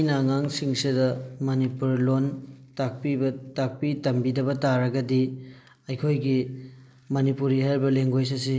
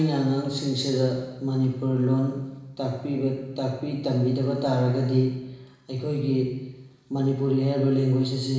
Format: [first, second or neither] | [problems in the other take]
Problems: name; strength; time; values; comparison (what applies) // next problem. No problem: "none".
first | room echo; dies away in 1 s